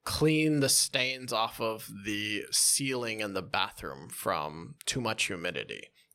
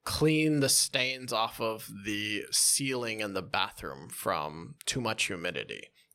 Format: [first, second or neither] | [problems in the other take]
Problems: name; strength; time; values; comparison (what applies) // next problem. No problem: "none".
neither | none